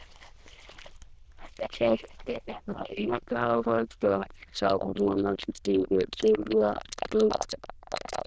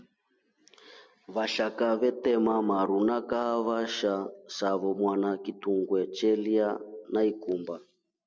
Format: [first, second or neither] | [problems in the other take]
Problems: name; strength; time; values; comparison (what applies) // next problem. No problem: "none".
second | noise reduction (neural diffusion model UNIVERSE++)